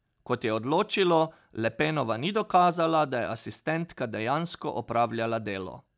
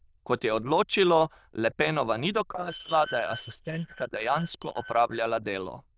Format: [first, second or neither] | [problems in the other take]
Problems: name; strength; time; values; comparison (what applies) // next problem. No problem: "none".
first | noise reduction (neural diffusion model UNIVERSE++)